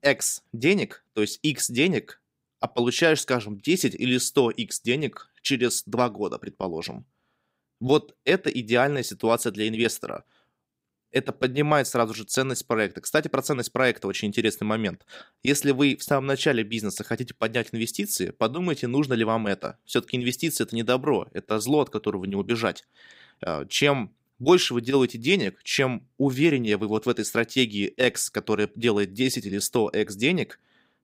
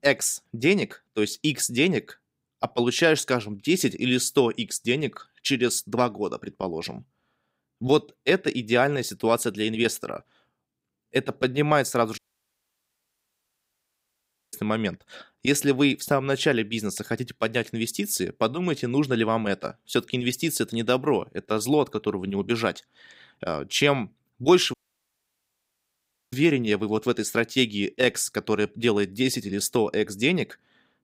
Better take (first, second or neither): first